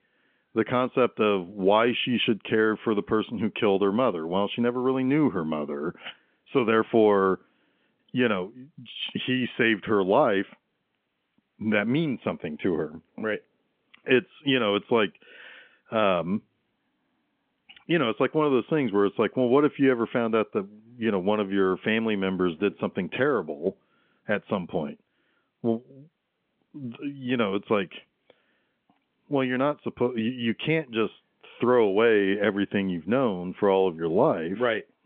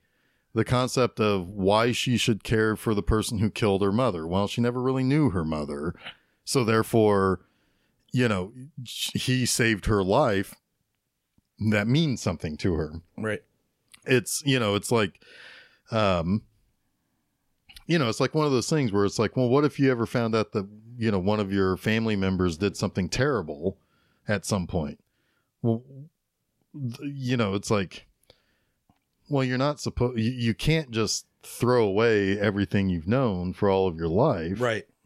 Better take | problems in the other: second | phone-call audio; nothing above 3.5 kHz

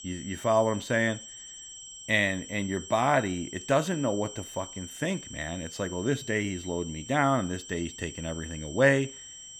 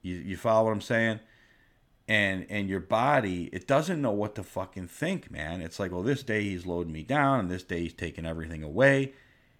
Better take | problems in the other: second | high-pitched whine; noticeable; throughout; 3 kHz, 15 dB below the speech

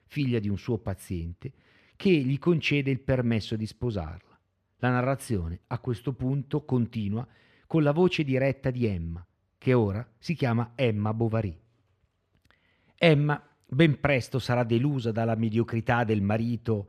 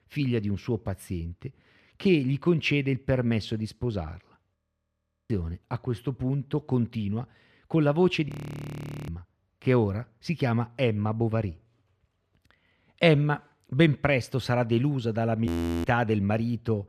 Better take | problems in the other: first | audio freezing; at 4.5 s for 1 s, at 8.5 s for 1 s and at 15 s

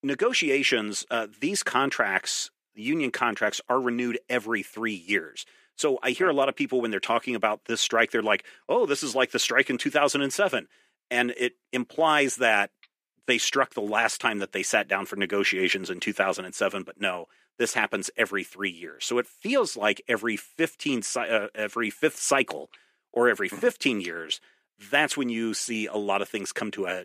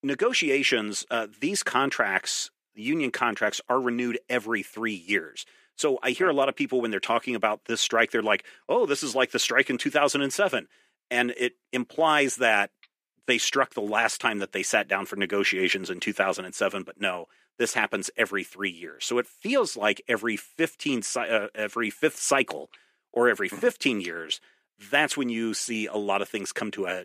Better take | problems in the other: neither | thin; somewhat; fading below 300 Hz; the same in both

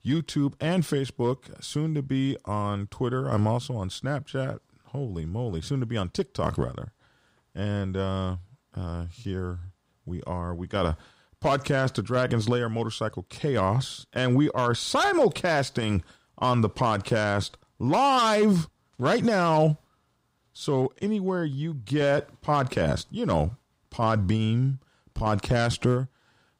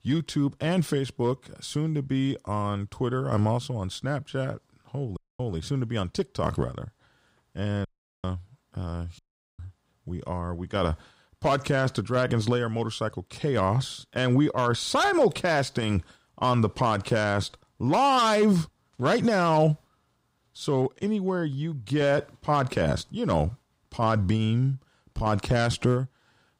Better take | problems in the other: first | audio cutting out; at 5 s, at 8 s and at 9 s

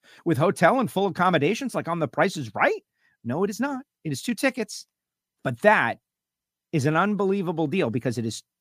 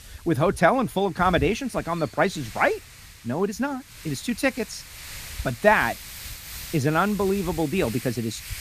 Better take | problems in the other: first | wind noise on the microphone; occasional gusts; 15 dB below the speech

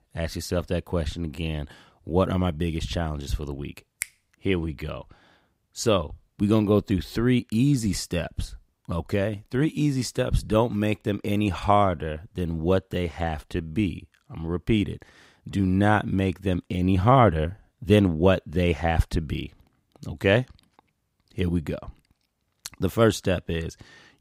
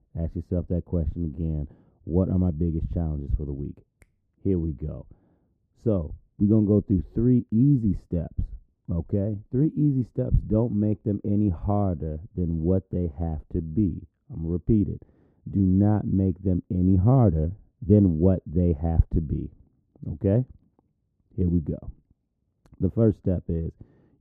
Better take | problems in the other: first | muffled; very; fading above 1 kHz

